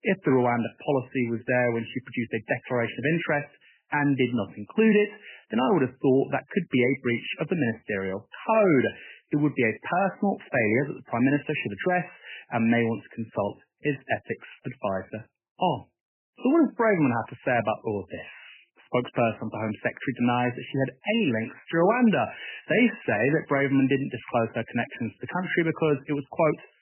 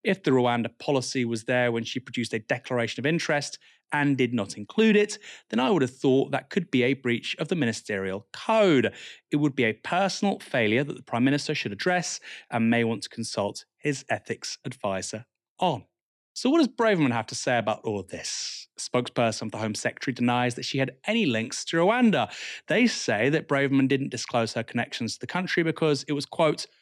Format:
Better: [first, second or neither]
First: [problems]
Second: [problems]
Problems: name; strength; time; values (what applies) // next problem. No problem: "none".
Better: second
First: garbled, watery; badly; nothing above 3 kHz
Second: none